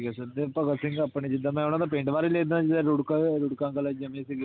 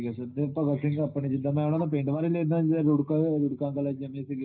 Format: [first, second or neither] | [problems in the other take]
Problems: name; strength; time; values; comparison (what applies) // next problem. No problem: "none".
first | noise reduction (neural mask model DeepFilterNet 3)